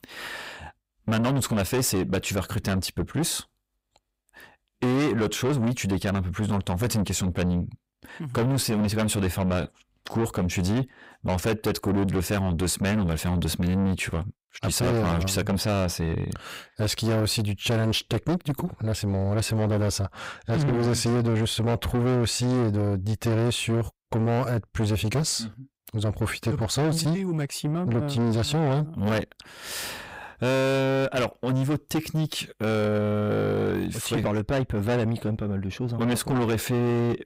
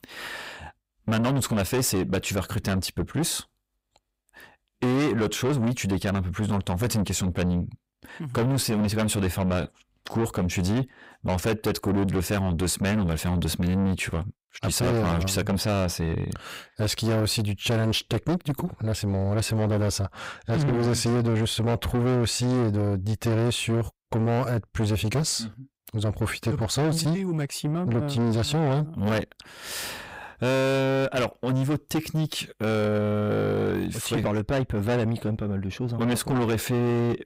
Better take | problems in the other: neither | distortion; heavy; 6 dB below the speech; the same in both

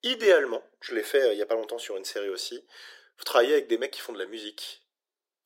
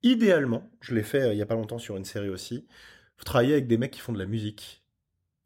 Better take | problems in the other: second | thin; very; fading below 350 Hz

